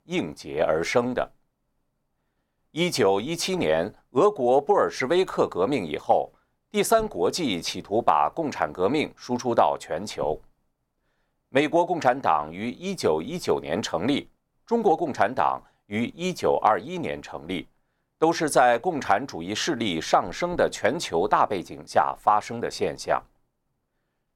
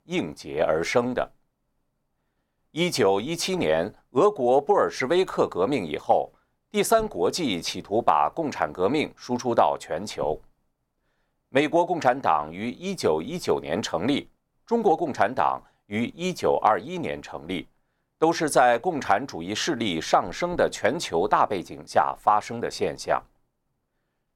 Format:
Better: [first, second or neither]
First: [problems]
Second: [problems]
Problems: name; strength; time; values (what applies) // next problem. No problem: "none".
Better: neither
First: none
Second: none